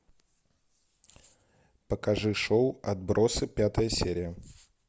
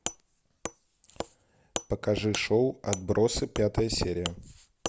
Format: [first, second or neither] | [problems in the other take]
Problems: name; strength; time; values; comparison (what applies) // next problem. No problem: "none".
first | background sound (Wood); 11 dB below the speech